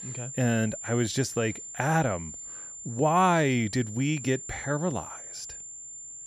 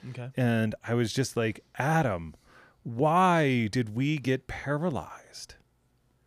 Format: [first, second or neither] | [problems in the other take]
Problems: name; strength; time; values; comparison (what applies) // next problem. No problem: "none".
second | high-pitched whine; noticeable; throughout; 7 kHz, 10 dB below the speech